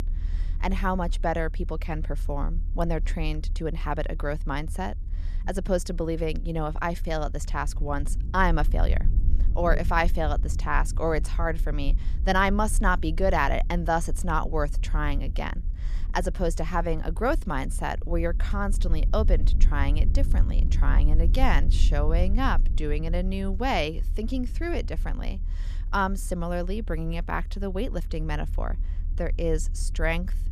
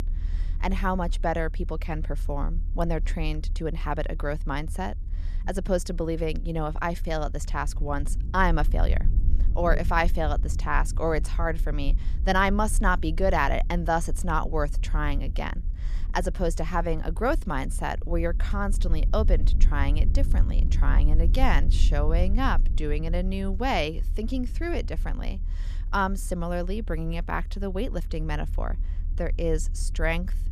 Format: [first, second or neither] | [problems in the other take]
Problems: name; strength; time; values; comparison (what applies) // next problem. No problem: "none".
neither | low rumble; faint; throughout; 20 dB below the speech; the same in both